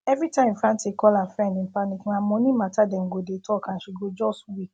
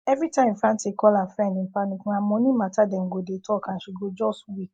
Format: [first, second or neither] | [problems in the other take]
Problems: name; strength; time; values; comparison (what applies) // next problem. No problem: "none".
first | noise reduction (neural mask model Resemble Enhance denoiser)